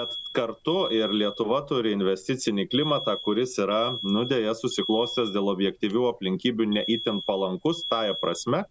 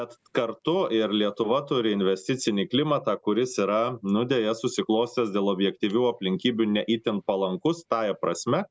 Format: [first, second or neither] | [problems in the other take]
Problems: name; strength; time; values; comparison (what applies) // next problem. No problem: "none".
second | background sound (Alarm); 11 dB below the speech